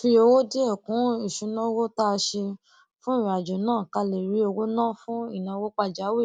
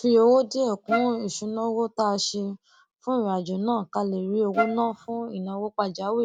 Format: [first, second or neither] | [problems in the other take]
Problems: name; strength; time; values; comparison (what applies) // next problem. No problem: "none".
first | background sound (Wind instrument, woodwind instrument); 4 dB below the speech